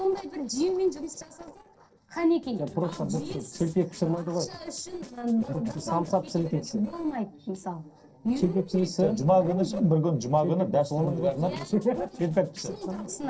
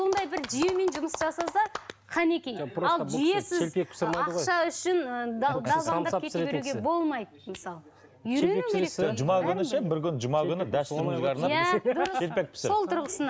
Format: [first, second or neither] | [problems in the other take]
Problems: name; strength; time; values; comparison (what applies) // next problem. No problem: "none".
second | noise reduction (neural separator model SepFormer DNS4)